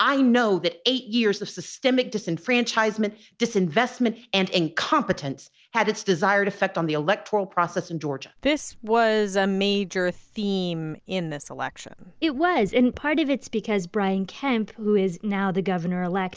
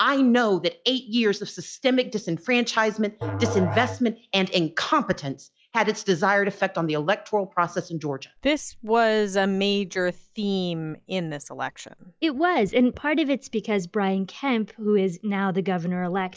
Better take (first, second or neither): first